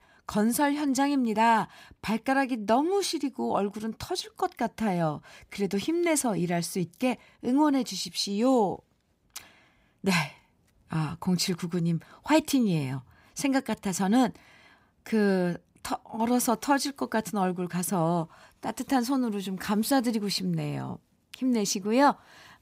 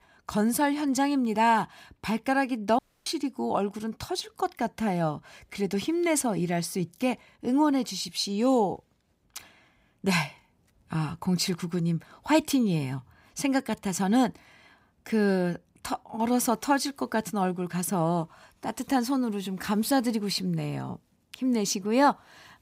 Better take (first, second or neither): first